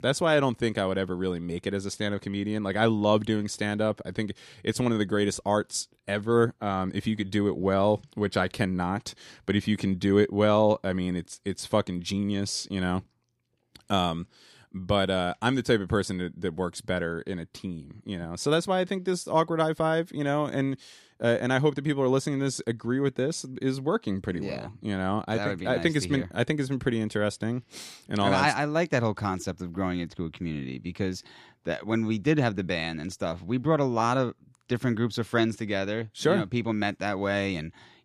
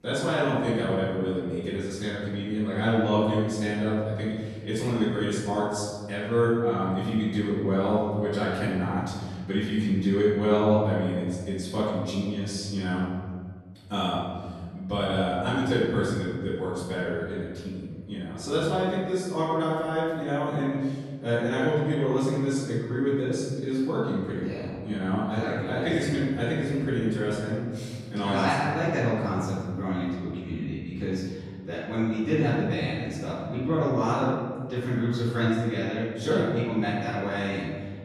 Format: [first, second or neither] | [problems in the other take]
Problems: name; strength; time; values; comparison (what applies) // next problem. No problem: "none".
first | off-mic speech; far // room echo; strong; dies away in 1.9 s